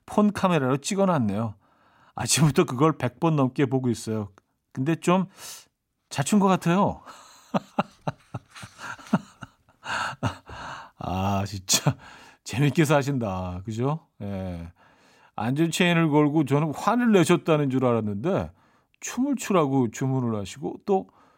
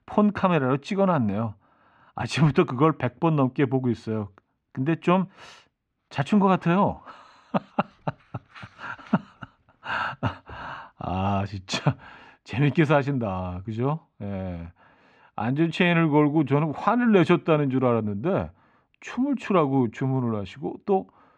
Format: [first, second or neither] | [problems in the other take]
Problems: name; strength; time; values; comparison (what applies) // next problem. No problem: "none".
first | muffled; slightly; fading above 2.5 kHz